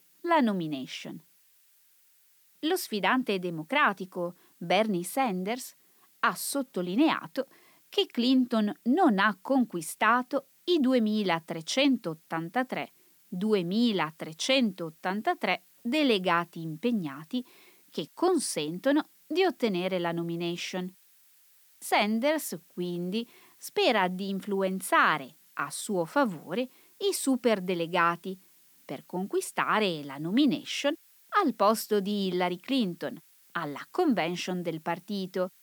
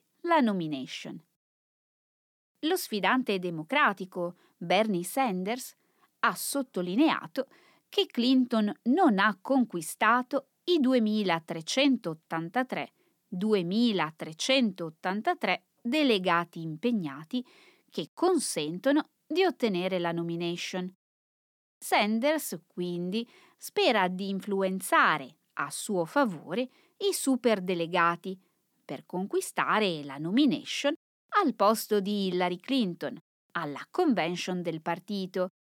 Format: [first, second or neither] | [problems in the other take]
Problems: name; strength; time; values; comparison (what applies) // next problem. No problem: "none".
second | hiss; faint; throughout; 30 dB below the speech